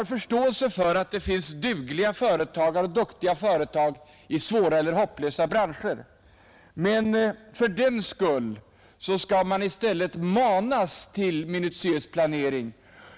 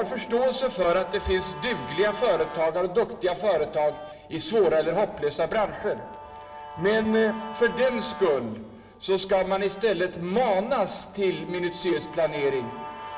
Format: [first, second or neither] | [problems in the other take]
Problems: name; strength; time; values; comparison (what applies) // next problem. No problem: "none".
first | background sound (Guitar); 15 dB below the speech // room echo; dies away in 2.7 s